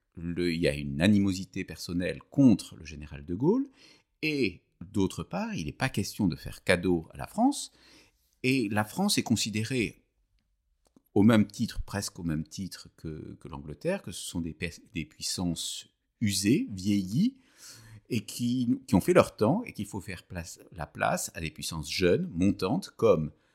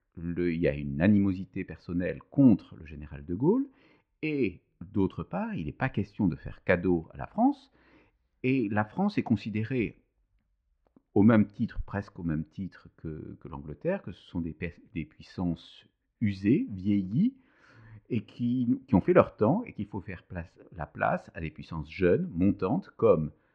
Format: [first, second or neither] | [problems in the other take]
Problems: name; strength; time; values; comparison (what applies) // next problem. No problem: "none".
first | muffled; very; fading above 2 kHz